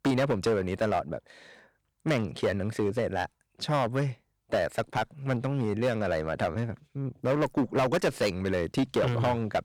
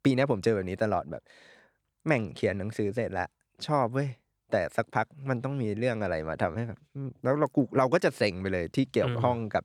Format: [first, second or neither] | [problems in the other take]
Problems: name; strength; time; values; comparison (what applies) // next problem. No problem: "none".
second | distortion; heavy; 8% of the sound clipped